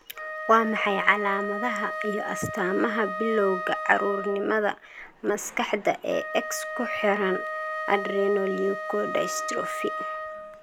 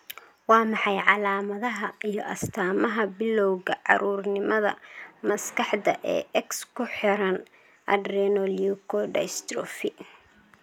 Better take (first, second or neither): second